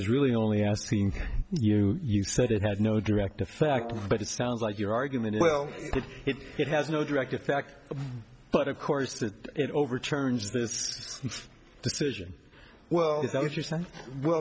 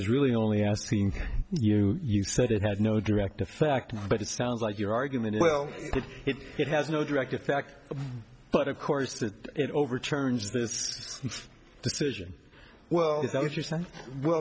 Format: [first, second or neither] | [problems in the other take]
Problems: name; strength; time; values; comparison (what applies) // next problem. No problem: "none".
second | background sound (Brass instrument); 14 dB below the speech